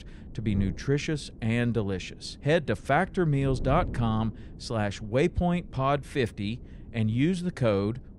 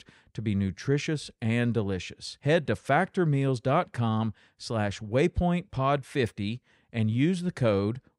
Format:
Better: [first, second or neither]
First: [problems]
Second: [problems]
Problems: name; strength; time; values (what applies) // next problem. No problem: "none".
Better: second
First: wind noise on the microphone; occasional gusts; 20 dB below the speech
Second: none